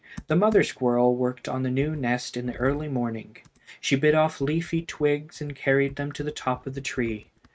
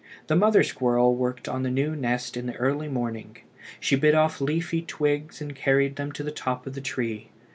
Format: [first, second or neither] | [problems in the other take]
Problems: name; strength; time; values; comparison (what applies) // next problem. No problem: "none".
second | noise reduction (neural mask model RNNoise)